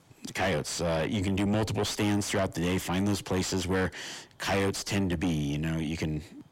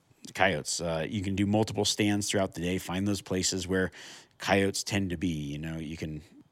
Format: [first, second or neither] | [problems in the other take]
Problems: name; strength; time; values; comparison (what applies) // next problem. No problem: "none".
second | distortion; heavy; 5 dB below the speech